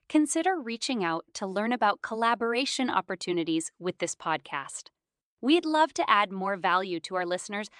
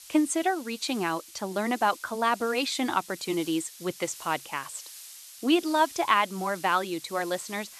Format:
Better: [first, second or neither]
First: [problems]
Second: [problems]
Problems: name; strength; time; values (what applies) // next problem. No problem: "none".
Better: first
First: none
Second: hiss; noticeable; throughout; 15 dB below the speech